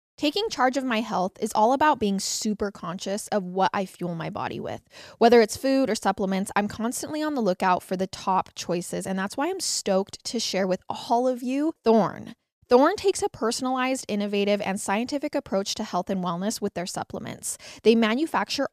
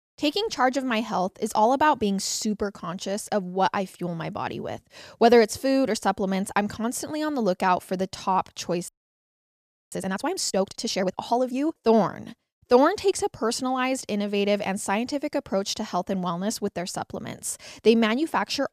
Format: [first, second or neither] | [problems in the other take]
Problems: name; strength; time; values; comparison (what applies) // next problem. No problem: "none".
first | audio freezing; at 9 s for 1 s